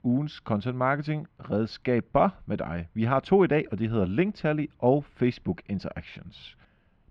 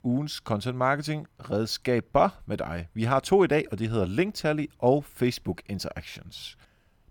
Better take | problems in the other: second | muffled; slightly; fading above 3 kHz

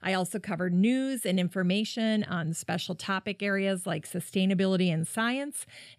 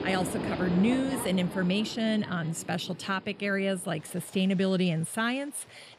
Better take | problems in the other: first | train or aircraft noise; loud; throughout; 8 dB below the speech

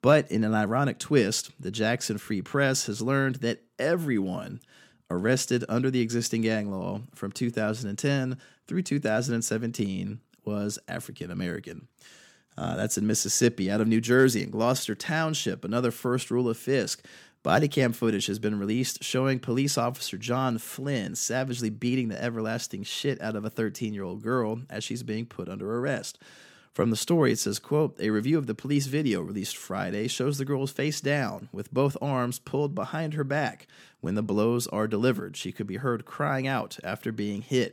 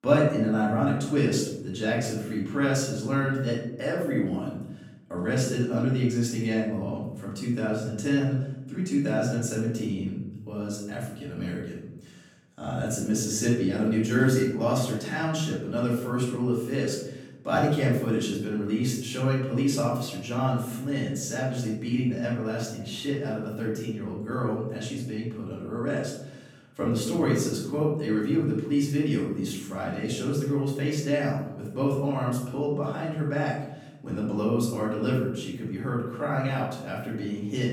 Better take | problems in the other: first | off-mic speech; far // room echo; noticeable; dies away in 0.9 s

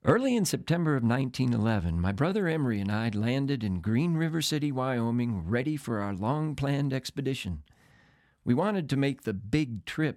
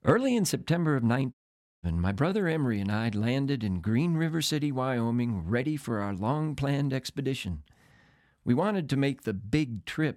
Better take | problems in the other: first | audio cutting out; at 1.5 s

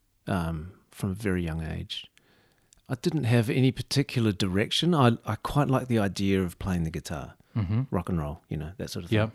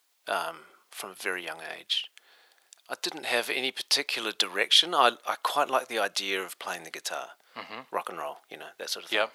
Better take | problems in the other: first | thin; very; fading below 600 Hz

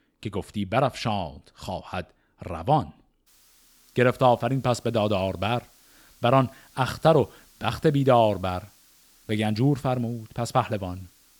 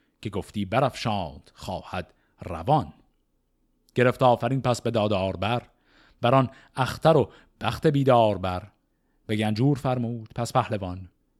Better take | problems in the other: second | hiss; faint; from 3.5 s on; 30 dB below the speech

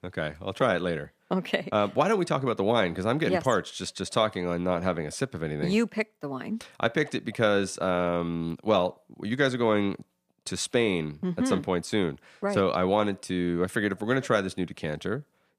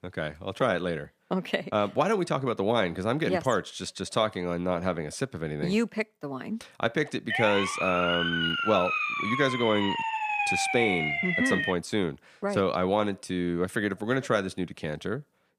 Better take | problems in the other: first | siren; loud; from 7.5 to 12 s; peak 3 dB above the speech

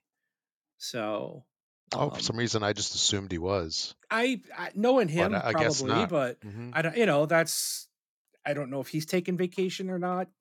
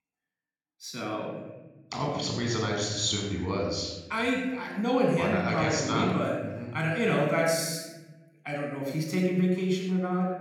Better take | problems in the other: first | off-mic speech; somewhat distant // room echo; noticeable; dies away in 1.1 s

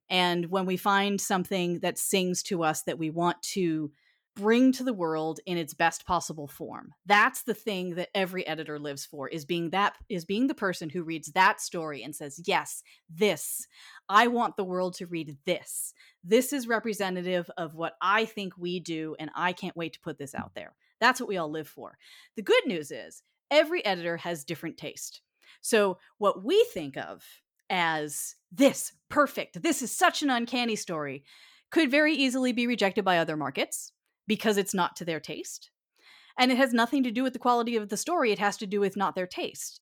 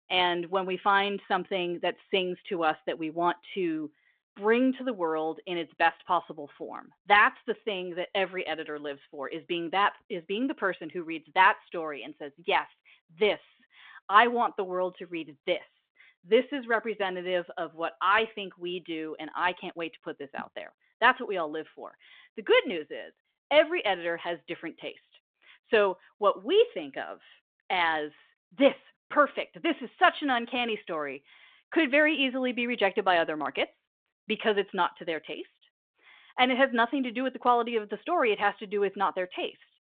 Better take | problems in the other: first | phone-call audio

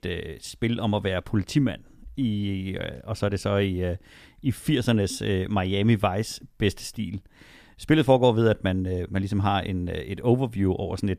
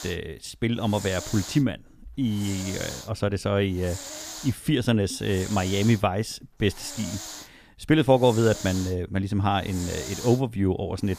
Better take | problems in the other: first | hiss; noticeable; throughout; 10 dB below the speech

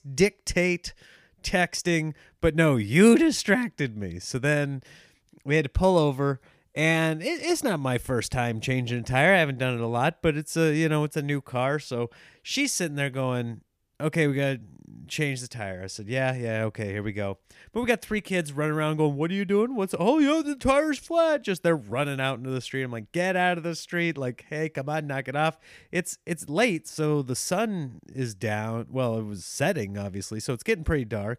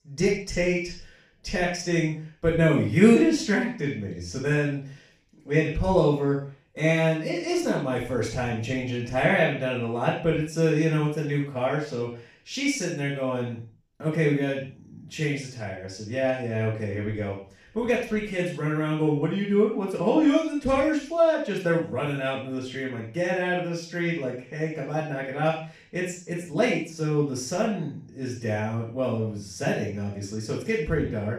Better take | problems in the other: first | room echo; strong; dies away in 0.4 s // off-mic speech; far

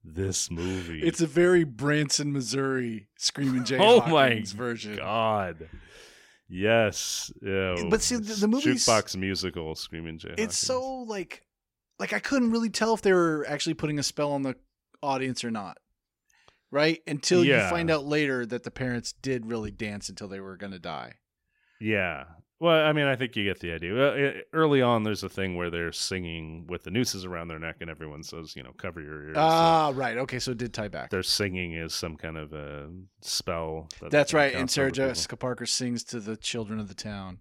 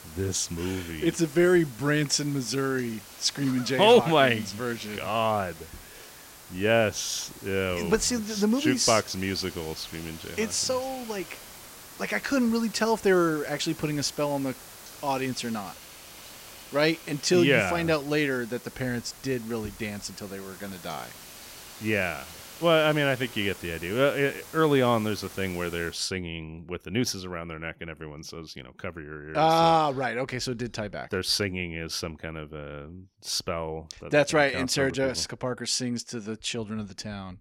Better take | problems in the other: first | hiss; noticeable; until 26 s; 15 dB below the speech

